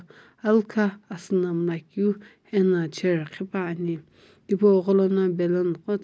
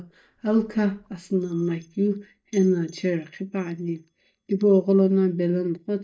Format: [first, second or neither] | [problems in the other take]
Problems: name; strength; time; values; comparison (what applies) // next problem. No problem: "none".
first | noise reduction (neural mask model DeepFilterNet 3)